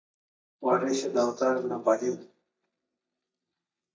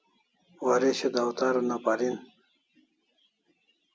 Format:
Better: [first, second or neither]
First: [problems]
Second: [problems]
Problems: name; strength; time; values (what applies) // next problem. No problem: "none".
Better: second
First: noise reduction (neural mask model DeepFilterNet 3)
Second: none